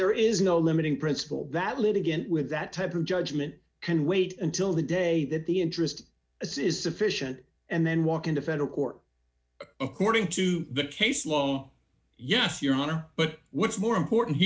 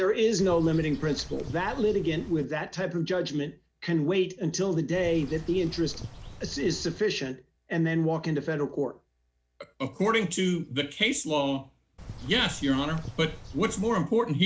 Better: first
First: none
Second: background sound (Bird); 13 dB below the speech

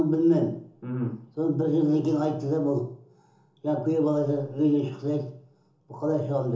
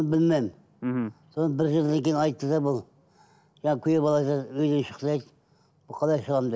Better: second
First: room echo; dies away in 0.6 s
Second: none

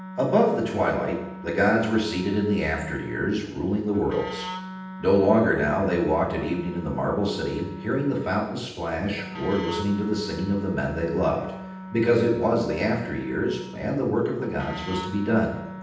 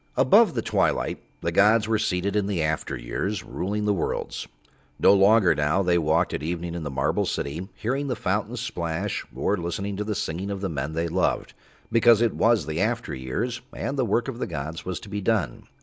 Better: second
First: background sound (Wind instrument, woodwind instrument); 13 dB below the speech // room echo; dies away in 0.8 s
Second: none

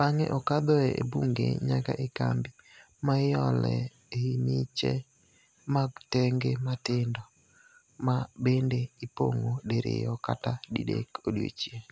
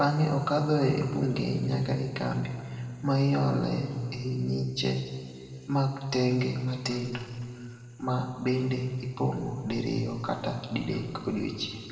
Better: first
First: none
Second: room echo; dies away in 2.1 s

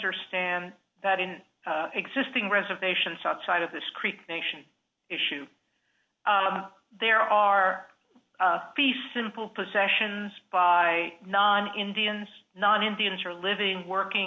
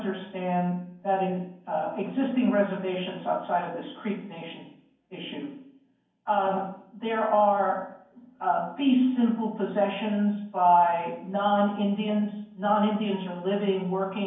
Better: first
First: none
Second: room echo; dies away in 0.9 s

